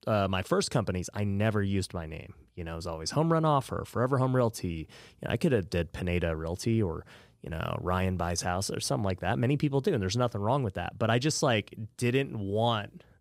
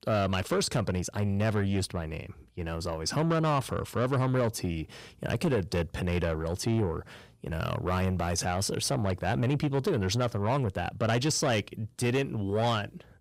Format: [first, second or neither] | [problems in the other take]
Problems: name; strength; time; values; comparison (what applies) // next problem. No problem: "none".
first | distortion; slight; 10 dB below the speech